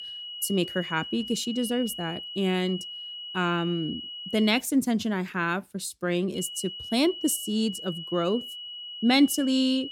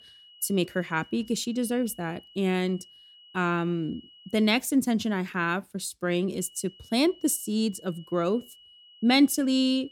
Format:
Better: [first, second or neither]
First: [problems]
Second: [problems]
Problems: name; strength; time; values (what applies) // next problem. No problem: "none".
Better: second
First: high-pitched whine; loud; until 4.5 s and from 6.5 s on; 3 kHz, 9 dB below the speech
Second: high-pitched whine; faint; until 4.5 s and from 6.5 s on; 3 kHz, 25 dB below the speech